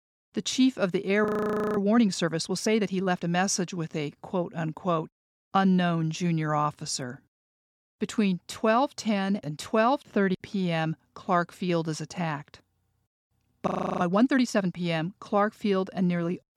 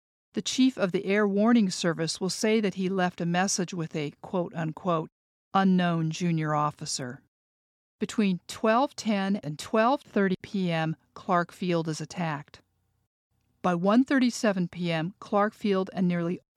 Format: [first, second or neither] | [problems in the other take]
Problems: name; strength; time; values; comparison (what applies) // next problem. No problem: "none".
second | audio freezing; at 1.5 s for 0.5 s and at 14 s